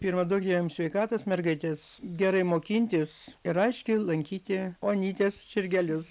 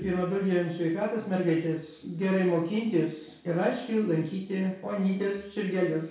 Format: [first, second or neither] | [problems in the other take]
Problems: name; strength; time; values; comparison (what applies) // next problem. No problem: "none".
first | room echo; dies away in 0.6 s